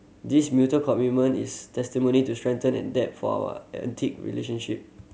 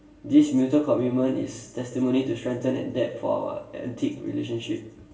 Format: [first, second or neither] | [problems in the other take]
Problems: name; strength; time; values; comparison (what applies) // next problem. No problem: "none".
first | room echo; dies away in 0.8 s